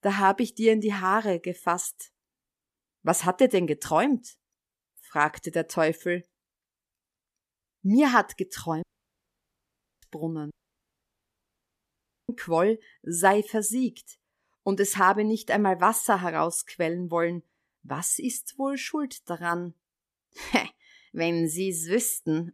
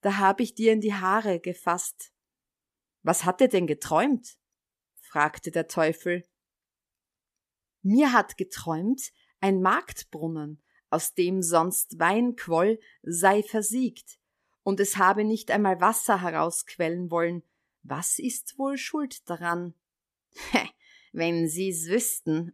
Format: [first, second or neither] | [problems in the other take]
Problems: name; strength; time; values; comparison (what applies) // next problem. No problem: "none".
second | audio cutting out; at 9 s for 1 s and at 11 s for 2 s